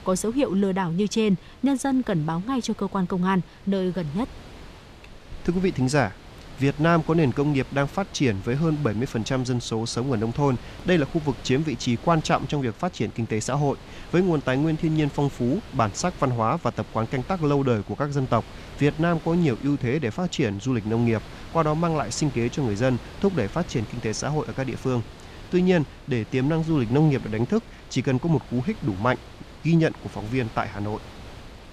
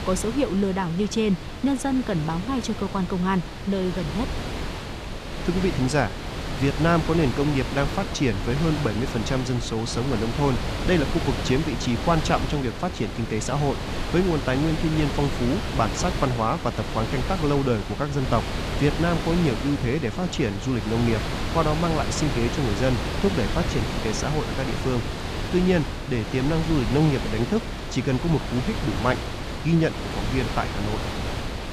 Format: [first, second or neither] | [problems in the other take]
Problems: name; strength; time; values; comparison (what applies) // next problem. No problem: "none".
first | wind noise on the microphone; heavy; 4 dB below the speech; occasional gusts in the first